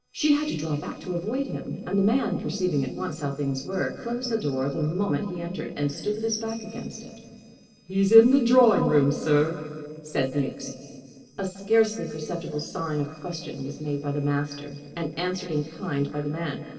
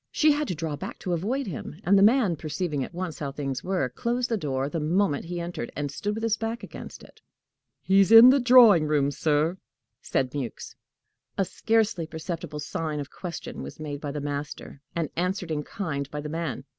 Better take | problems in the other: second | noise reduction (neural separator model SepFormer DNS4)

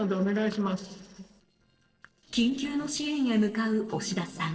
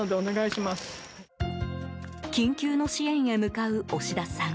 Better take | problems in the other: second | noise reduction (neural separator model SepFormer DNS4)

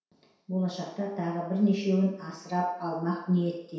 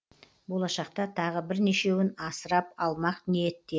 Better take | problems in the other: second | room echo; dies away in 0.7 s

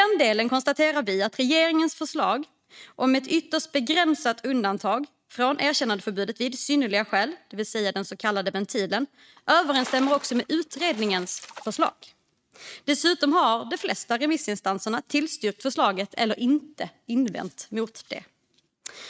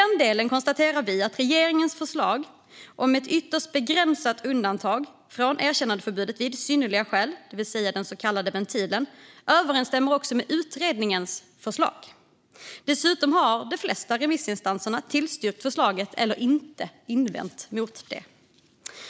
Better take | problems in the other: second | noise reduction (neural mask model RNNoise)

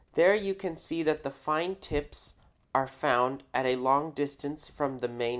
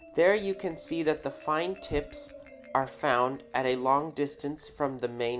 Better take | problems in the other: first | background sound (Marimba, xylophone); 19 dB below the speech

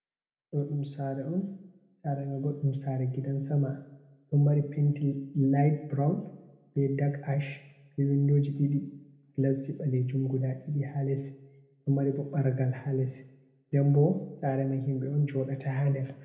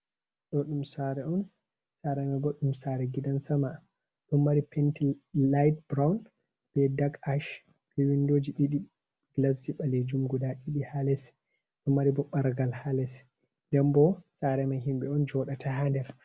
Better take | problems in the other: second | room echo; dies away in 0.9 s

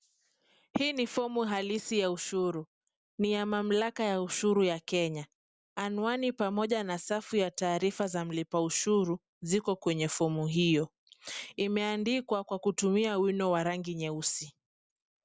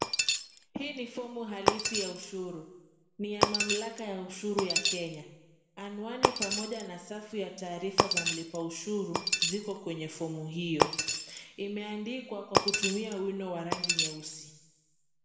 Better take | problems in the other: first | background sound (Shatter); 3 dB above the speech // room echo; dies away in 1 s

